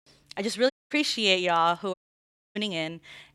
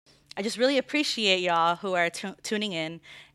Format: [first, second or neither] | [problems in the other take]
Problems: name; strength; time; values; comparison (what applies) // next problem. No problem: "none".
second | audio cutting out; at 0.5 s and at 2 s for 0.5 s